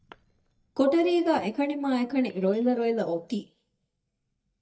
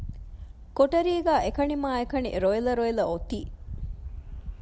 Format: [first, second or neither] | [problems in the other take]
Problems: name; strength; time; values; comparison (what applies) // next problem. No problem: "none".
second | noise reduction (neural mask model DeepFilterNet 3)